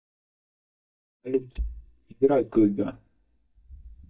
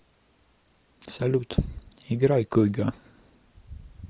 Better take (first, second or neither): second